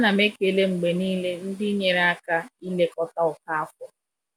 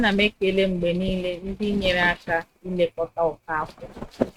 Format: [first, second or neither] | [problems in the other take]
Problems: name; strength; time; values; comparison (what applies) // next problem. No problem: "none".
first | noise reduction (neural mask model RNNoise)